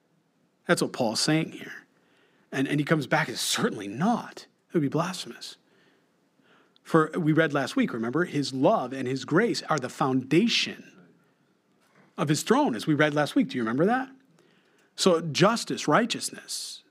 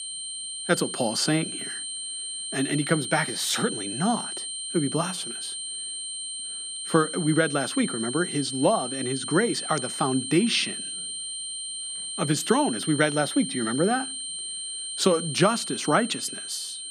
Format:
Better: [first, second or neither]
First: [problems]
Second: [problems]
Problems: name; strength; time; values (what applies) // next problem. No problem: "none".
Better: first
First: none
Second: high-pitched whine; loud; throughout; 8.5 kHz, 5 dB below the speech